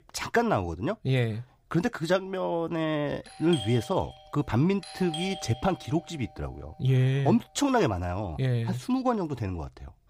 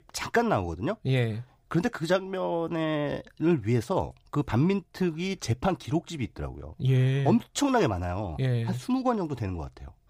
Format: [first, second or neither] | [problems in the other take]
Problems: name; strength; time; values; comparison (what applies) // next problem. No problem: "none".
second | doorbell; noticeable; from 3.5 to 6 s; peak 8 dB below the speech